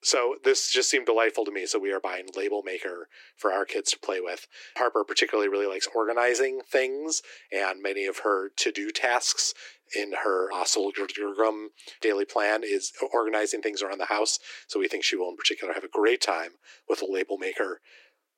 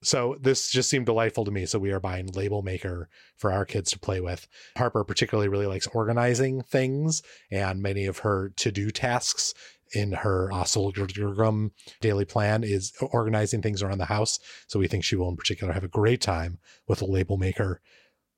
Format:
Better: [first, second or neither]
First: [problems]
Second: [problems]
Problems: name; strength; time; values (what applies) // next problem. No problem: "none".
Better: second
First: thin; very; fading below 300 Hz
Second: none